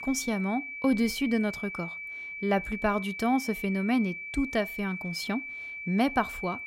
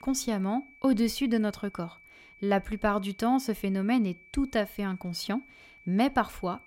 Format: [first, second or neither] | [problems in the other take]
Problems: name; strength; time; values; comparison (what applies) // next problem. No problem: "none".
second | high-pitched whine; loud; throughout; 2.5 kHz, 7 dB below the speech; faint in the second